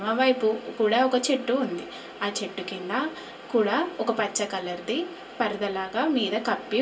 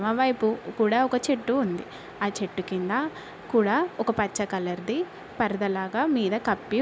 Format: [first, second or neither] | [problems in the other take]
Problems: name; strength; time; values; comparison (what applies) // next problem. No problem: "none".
second | room echo; dies away in 0.2 s